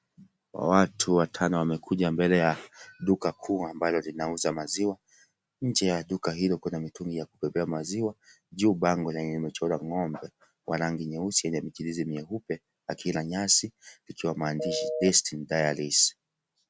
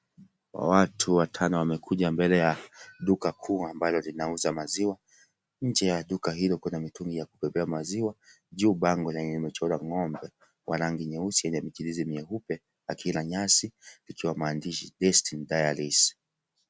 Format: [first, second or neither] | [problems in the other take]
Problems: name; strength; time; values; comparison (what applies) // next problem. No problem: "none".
second | background sound (Telephone); 5 dB below the speech